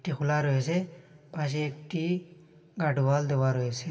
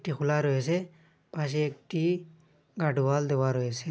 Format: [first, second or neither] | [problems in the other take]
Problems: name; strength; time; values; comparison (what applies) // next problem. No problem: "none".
second | room echo; dies away in 2.8 s